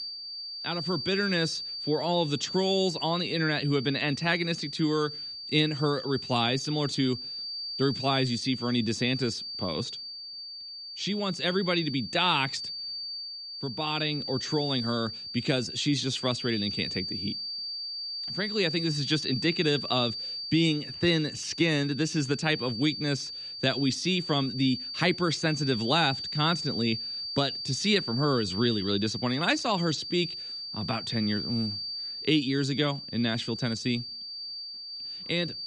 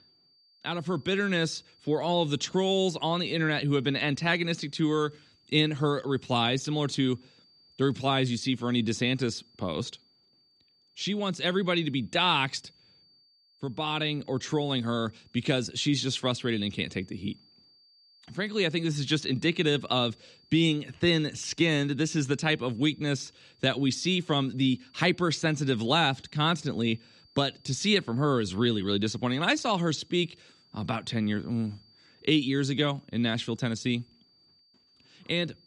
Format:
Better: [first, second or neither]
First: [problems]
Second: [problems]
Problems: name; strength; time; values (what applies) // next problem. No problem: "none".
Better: second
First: high-pitched whine; loud; throughout; 4.5 kHz, 6 dB below the speech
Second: high-pitched whine; faint; throughout; 4.5 kHz, 30 dB below the speech